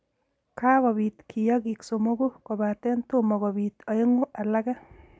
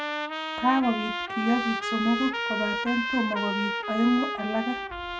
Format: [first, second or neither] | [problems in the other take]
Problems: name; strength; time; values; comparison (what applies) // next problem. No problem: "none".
first | background sound (Trumpet); 3 dB below the speech // room echo; dies away in 0.2 s